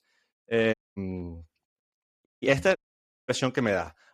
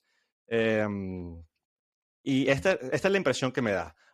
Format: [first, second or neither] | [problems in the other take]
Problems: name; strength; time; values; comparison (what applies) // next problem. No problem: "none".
second | audio cutting out; at 0.5 s, at 2.5 s and at 3 s for 0.5 s